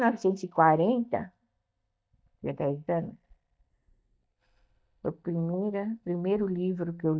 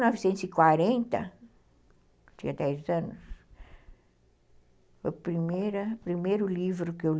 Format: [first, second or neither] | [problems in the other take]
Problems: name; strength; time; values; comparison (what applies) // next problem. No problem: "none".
second | noise reduction (neural mask model DeepFilterNet 3)